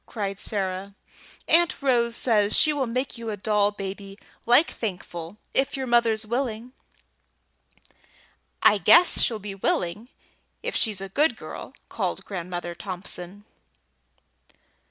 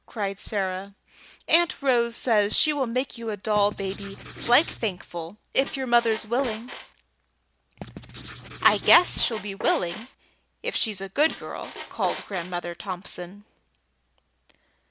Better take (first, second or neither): first